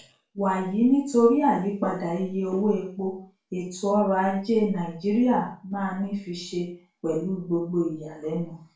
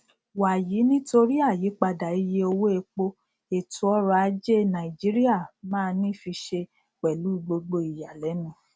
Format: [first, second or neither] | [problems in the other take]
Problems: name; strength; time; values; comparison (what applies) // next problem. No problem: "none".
second | room echo; dies away in 0.4 s